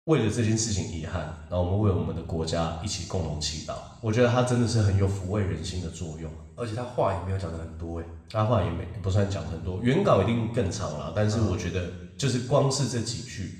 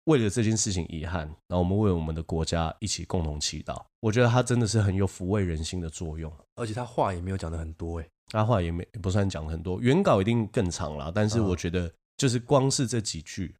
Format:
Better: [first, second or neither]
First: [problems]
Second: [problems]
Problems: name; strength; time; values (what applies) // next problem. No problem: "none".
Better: second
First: room echo; noticeable; dies away in 1 s // off-mic speech; somewhat distant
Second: none